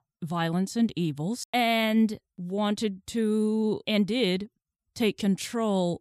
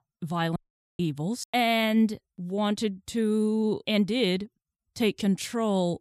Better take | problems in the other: first | audio cutting out; at 0.5 s

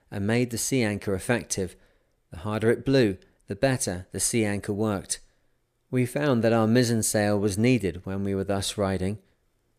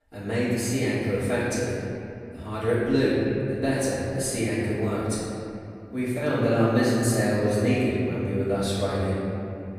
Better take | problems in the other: first | off-mic speech; far // room echo; strong; dies away in 2.6 s

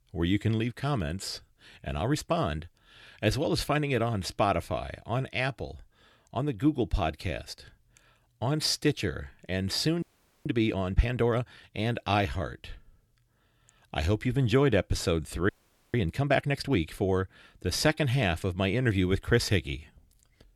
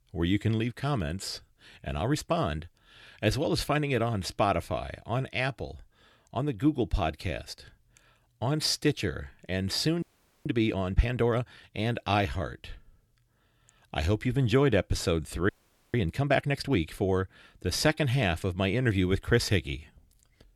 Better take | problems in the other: neither | audio freezing; at 10 s and at 15 s; the same in both

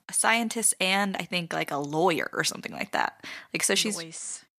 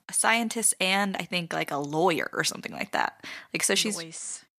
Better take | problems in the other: neither | none

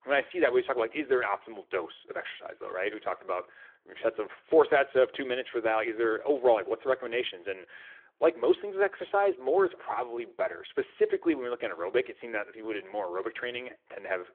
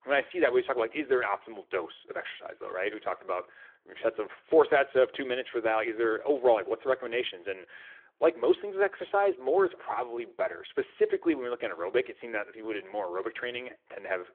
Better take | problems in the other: neither | phone-call audio; the same in both

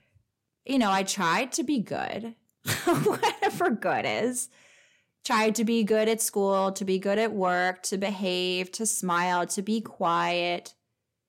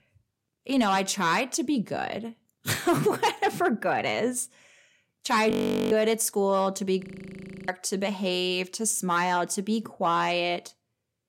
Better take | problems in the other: first | audio freezing; at 5.5 s and at 7 s for 0.5 s

